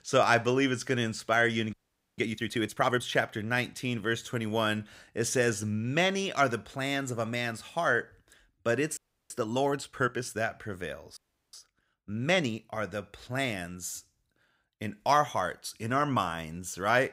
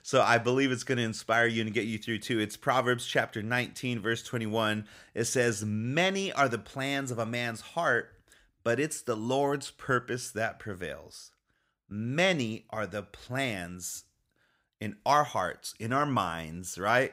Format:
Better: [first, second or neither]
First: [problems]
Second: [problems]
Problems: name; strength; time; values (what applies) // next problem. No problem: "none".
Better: second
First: audio freezing; at 1.5 s, at 9 s and at 11 s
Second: none